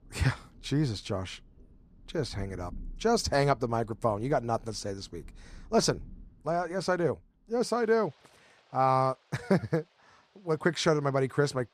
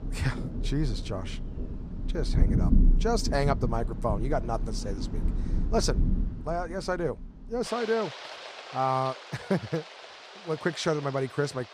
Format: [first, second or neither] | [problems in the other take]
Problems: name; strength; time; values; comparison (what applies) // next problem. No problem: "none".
first | rain or running water; loud; throughout; 1 dB below the speech; faint in the first